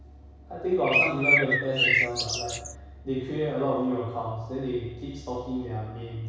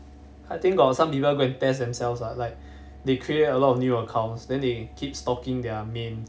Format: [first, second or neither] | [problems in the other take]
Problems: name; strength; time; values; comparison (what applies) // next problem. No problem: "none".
second | background sound (Bird); 5 dB above the speech // room echo; dies away in 1.1 s